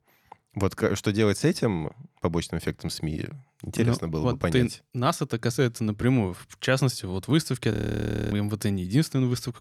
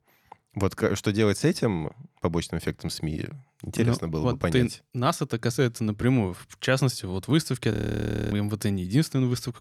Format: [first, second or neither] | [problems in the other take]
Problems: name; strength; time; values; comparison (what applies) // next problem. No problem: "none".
neither | audio freezing; at 7.5 s for 0.5 s; the same in both